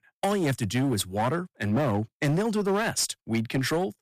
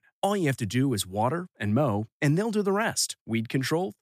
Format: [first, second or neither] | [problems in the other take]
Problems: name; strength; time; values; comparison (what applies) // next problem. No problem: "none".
second | distortion; slight; 13% of the sound clipped